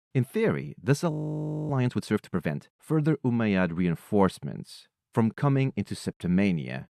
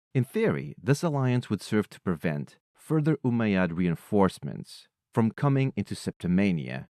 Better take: second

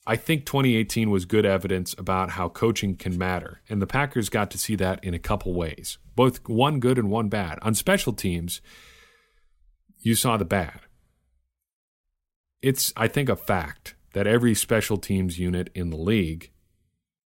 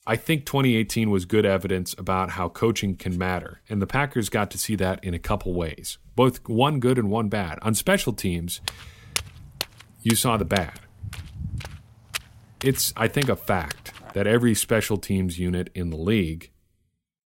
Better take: first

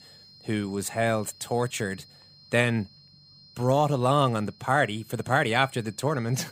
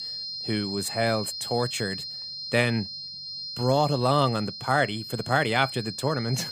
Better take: first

